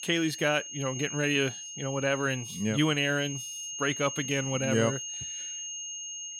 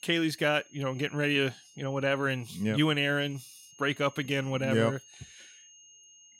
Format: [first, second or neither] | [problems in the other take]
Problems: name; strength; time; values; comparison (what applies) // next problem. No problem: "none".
second | high-pitched whine; loud; throughout; 6.5 kHz, 7 dB below the speech; faint in the second